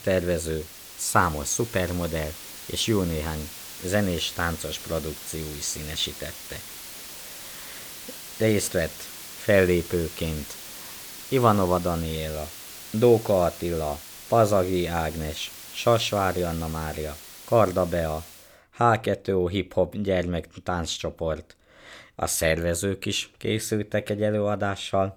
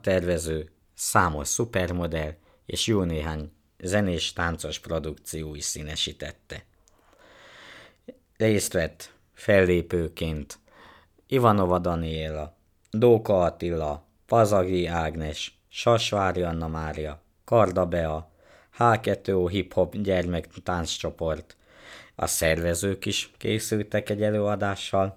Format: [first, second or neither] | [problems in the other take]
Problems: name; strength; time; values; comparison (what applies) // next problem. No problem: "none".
second | hiss; noticeable; until 18 s; 10 dB below the speech